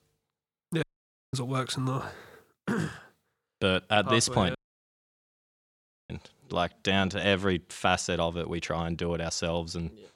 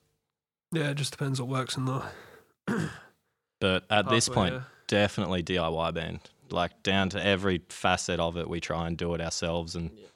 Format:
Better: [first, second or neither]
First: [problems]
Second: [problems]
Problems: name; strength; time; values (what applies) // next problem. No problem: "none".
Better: second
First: audio cutting out; at 1 s for 0.5 s and at 4.5 s for 1.5 s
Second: none